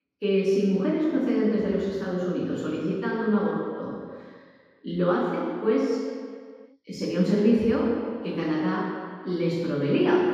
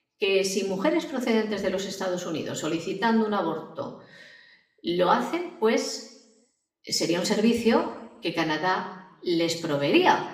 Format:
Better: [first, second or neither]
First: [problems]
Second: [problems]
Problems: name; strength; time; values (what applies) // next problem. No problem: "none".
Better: second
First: room echo; strong; dies away in 1.8 s // off-mic speech; far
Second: room echo; slight; dies away in 0.8 s // off-mic speech; somewhat distant